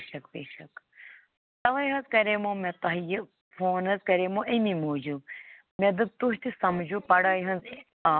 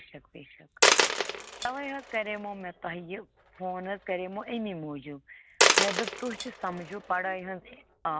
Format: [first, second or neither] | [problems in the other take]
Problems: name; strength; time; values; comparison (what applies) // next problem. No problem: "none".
first | background sound (Coin (dropping)); 5 dB above the speech